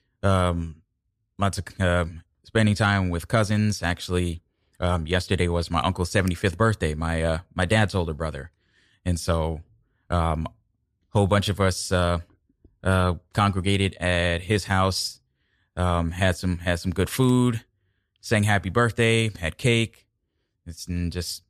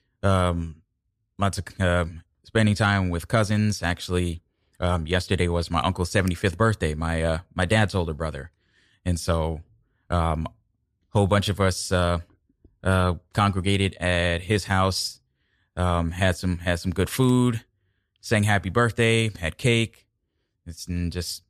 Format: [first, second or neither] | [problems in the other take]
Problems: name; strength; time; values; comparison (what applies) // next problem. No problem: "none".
neither | none